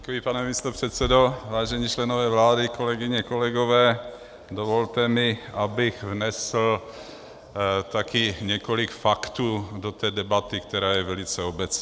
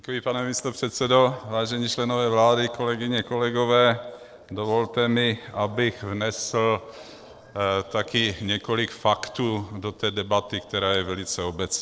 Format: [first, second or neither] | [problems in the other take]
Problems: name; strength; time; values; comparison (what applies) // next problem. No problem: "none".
first | noise reduction (neural separator model SepFormer DNS4)